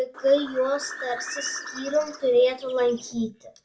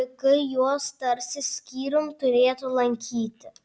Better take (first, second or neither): second